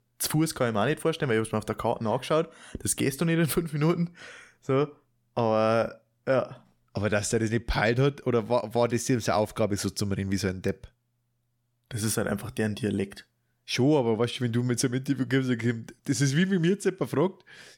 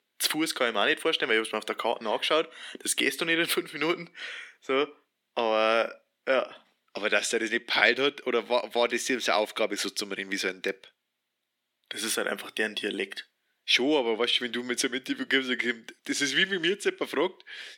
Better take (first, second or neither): first